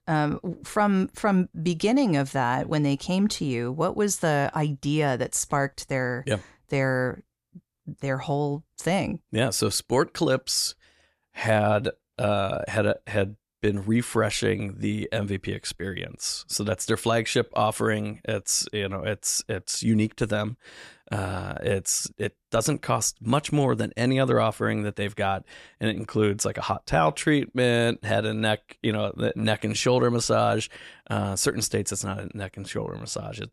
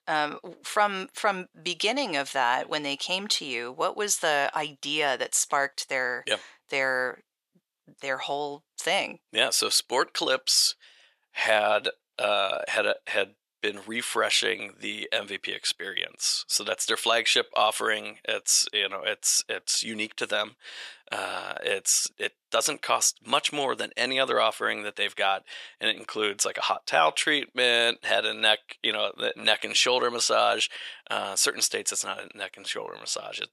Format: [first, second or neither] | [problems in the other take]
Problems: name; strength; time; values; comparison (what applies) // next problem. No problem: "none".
first | thin; very; fading below 600 Hz